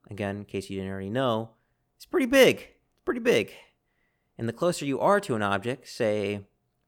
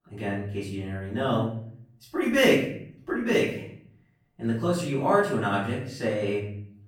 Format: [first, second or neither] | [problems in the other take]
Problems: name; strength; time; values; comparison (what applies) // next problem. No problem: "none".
first | off-mic speech; far // room echo; noticeable; dies away in 0.7 s